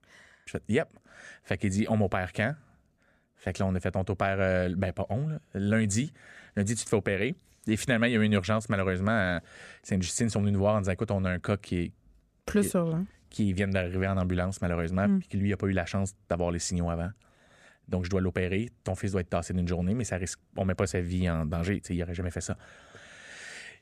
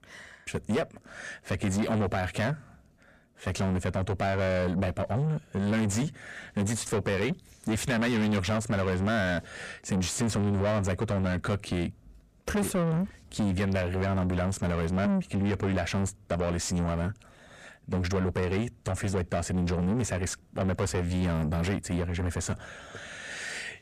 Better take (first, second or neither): first